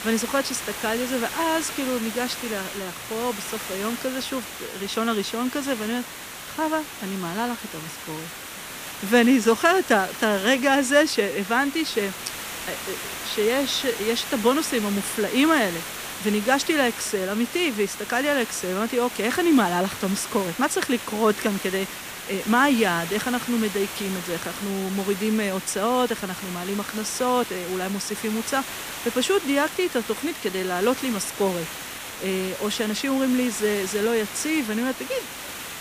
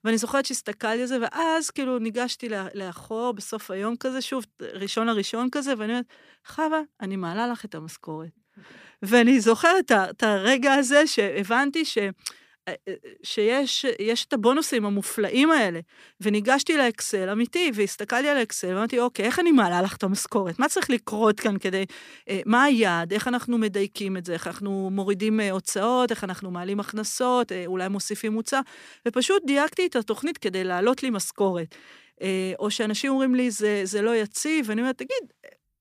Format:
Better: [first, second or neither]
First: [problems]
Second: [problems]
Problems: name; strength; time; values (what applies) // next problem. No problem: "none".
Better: second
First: hiss; loud; throughout; 9 dB below the speech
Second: none